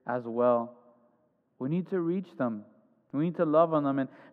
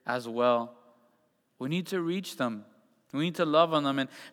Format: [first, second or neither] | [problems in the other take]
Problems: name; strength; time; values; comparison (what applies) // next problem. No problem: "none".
second | muffled; very; fading above 2.5 kHz